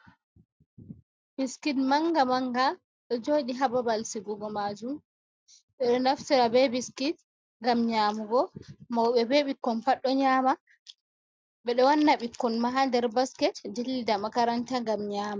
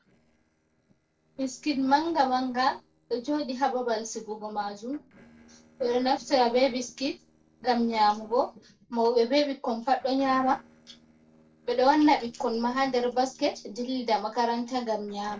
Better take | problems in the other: first | noise reduction (neural separator model SepFormer DNS4)

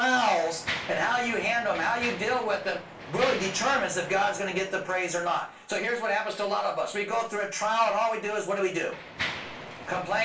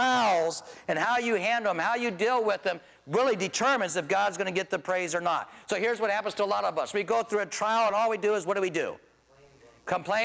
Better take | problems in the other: second | background sound (Mechanisms); 13 dB below the speech // room echo; dies away in 0.3 s

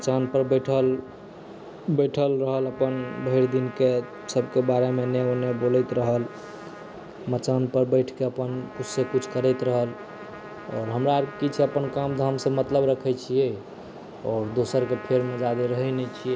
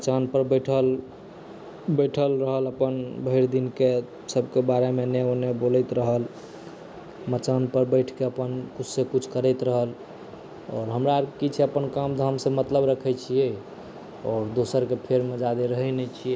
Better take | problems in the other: second | background sound (Trumpet); 19 dB below the speech

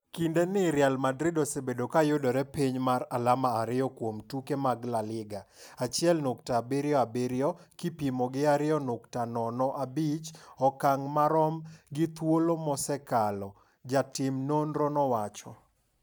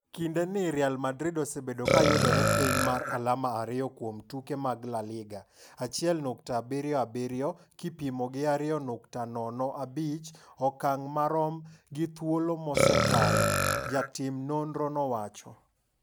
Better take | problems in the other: first | background sound (Burping, eructation); 3 dB above the speech

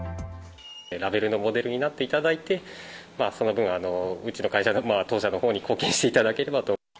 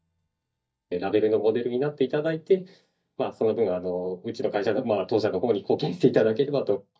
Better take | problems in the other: first | noise reduction (neural mask model DeepFilterNet 3)

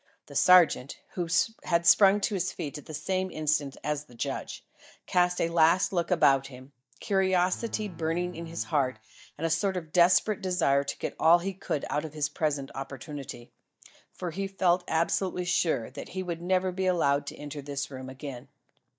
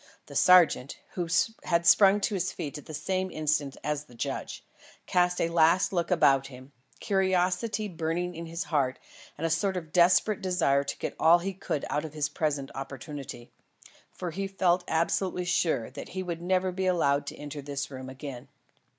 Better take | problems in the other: second | noise reduction (neural mask model DeepFilterNet 3)

